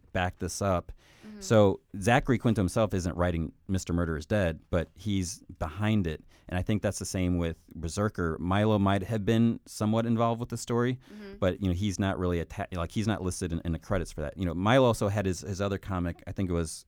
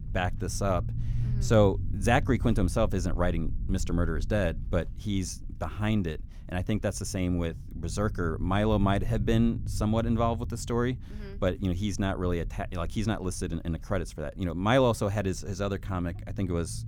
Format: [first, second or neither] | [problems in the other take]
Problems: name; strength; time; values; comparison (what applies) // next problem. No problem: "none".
first | low rumble; faint; throughout; 20 dB below the speech